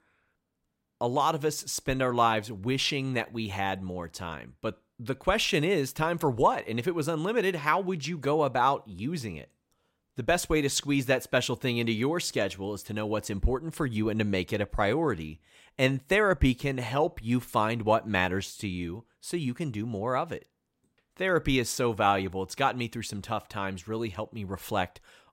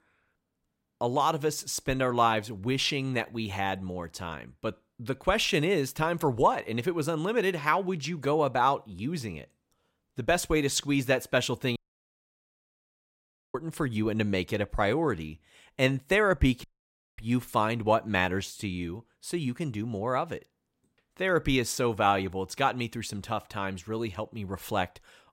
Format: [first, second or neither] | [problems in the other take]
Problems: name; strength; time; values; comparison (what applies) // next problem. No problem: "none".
first | audio cutting out; at 12 s for 2 s and at 17 s for 0.5 s